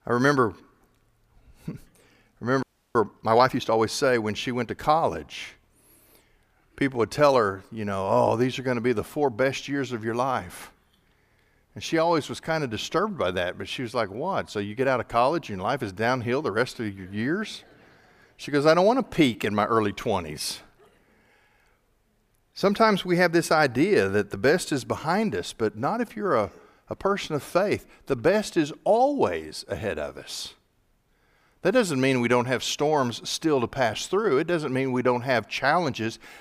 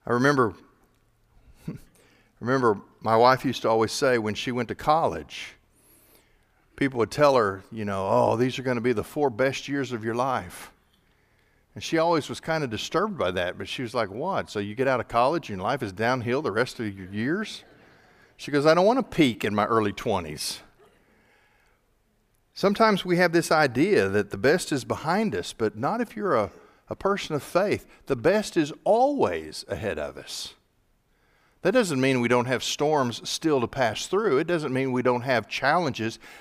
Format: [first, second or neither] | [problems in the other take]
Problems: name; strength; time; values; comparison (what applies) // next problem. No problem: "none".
second | audio freezing; at 2.5 s